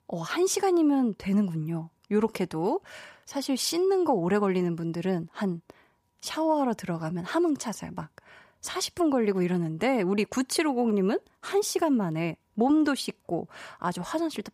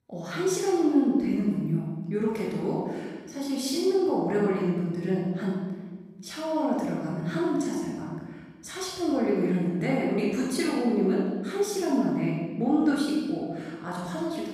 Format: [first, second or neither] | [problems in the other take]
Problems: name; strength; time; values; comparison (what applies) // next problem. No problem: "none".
first | room echo; strong; dies away in 1.3 s // off-mic speech; far